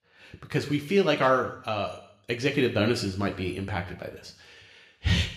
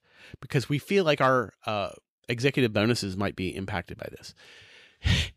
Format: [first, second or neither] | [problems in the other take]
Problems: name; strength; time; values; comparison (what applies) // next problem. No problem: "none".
second | room echo; slight; dies away in 0.7 s